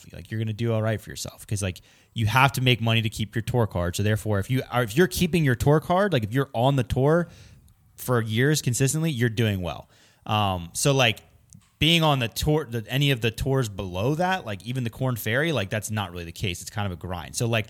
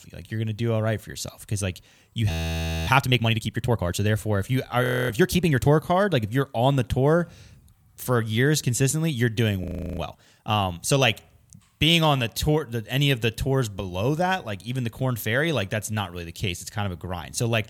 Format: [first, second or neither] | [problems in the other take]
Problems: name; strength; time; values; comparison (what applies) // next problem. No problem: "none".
first | audio freezing; at 2.5 s for 0.5 s, at 5 s and at 9.5 s